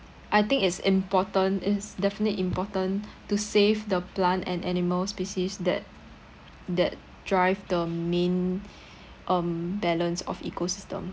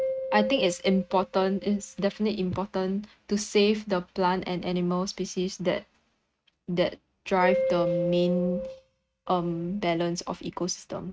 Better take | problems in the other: first | noise reduction (neural mask model RNNoise)

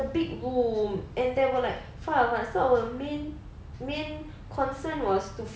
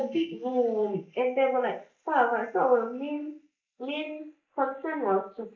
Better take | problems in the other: first | noise reduction (neural mask model Resemble Enhance denoiser)

